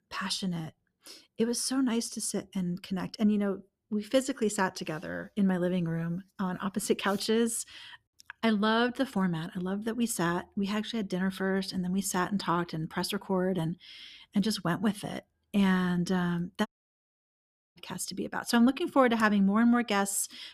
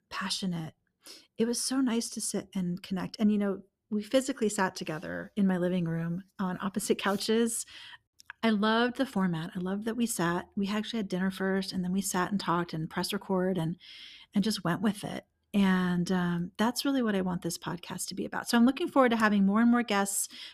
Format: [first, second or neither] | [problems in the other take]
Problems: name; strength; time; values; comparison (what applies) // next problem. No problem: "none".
second | audio cutting out; at 17 s for 1 s